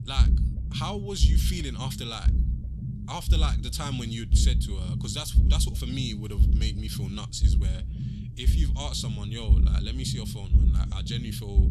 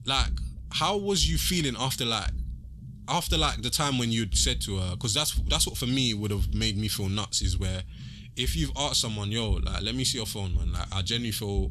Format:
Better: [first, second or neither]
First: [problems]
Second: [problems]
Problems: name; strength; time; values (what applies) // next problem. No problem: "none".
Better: second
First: low rumble; loud; throughout; 8 dB below the speech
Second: low rumble; faint; throughout; 25 dB below the speech